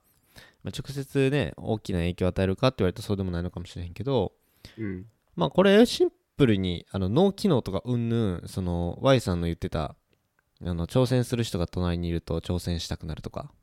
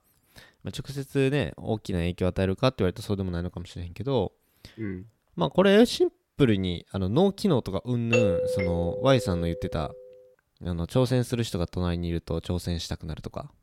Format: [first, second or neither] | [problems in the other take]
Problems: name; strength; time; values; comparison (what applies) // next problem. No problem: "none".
first | doorbell; loud; from 8 to 9.5 s; peak 3 dB above the speech